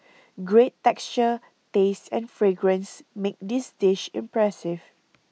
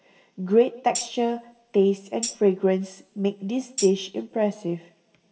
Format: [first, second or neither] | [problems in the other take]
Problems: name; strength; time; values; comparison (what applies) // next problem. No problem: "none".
first | background sound (Tambourine); 12 dB below the speech // room echo; dies away in 0.7 s